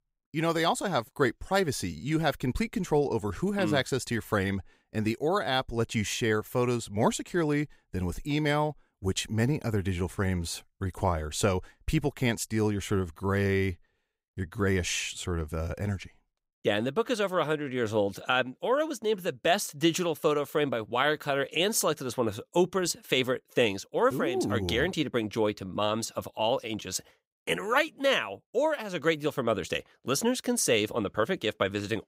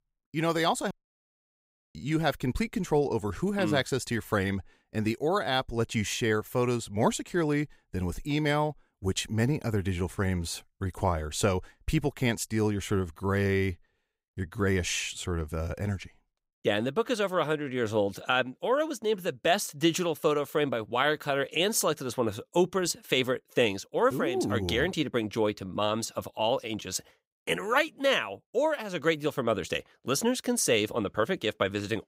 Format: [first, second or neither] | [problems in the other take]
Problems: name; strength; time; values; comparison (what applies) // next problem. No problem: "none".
first | audio cutting out; at 1 s for 1 s